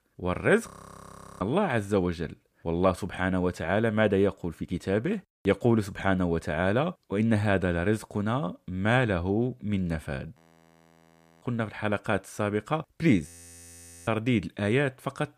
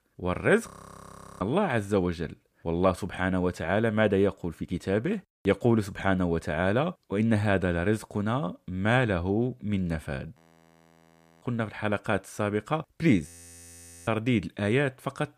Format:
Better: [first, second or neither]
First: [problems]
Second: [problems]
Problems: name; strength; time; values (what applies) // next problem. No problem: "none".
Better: neither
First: audio freezing; at 0.5 s for 0.5 s, at 10 s for 1 s and at 13 s for 1 s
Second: audio freezing; at 0.5 s for 0.5 s, at 10 s for 1 s and at 13 s for 1 s